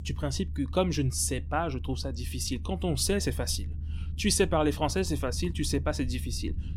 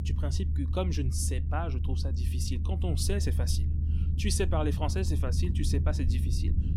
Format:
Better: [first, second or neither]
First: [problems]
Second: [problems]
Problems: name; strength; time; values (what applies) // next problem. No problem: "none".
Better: first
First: low rumble; faint; throughout; 20 dB below the speech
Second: low rumble; loud; throughout; 9 dB below the speech